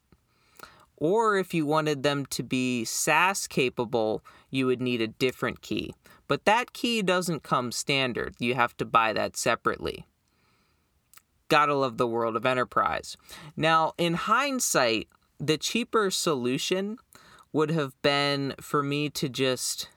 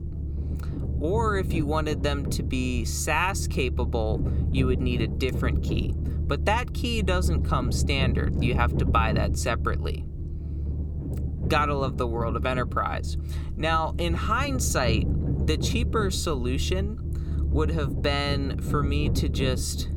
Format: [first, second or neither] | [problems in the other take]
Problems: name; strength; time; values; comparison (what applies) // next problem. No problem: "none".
first | low rumble; noticeable; throughout; 10 dB below the speech